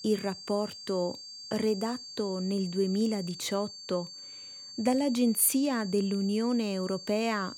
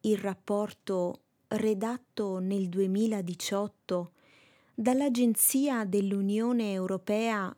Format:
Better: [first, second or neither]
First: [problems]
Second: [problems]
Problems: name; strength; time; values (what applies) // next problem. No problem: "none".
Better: second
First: high-pitched whine; noticeable; throughout; 4.5 kHz, 10 dB below the speech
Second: none